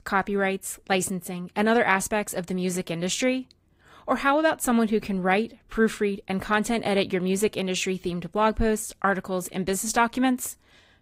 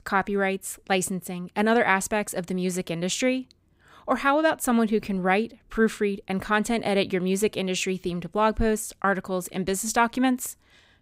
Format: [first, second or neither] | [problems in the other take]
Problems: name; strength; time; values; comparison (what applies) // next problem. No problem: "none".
second | garbled, watery; slightly; nothing above 15.5 kHz